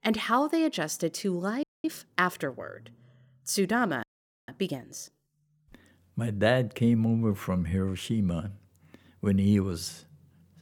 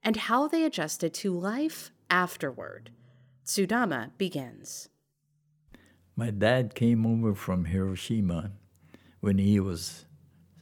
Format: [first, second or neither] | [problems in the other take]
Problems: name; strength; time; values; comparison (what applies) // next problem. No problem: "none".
second | audio freezing; at 1.5 s and at 4 s